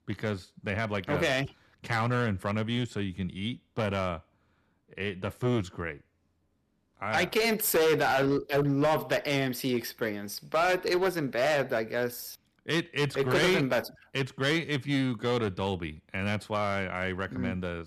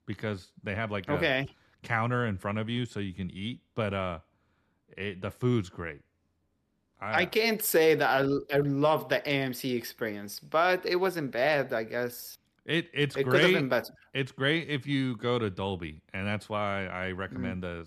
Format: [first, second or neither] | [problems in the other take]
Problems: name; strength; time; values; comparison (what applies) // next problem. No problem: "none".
second | distortion; slight; 6% of the sound clipped